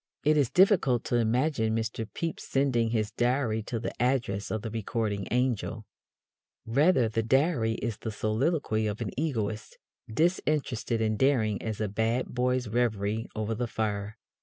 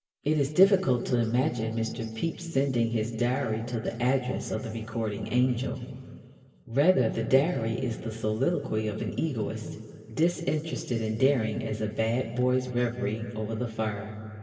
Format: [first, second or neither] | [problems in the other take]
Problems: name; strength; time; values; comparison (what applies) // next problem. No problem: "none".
first | room echo; dies away in 2.2 s